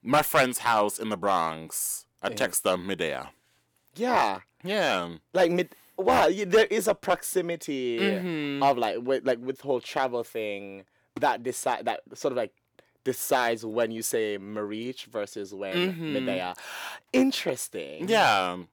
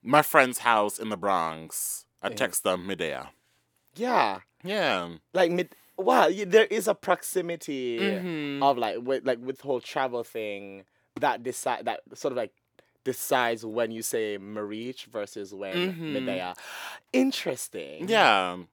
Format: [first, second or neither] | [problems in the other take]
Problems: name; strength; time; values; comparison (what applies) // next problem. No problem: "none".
second | distortion; slight; 1% of the sound clipped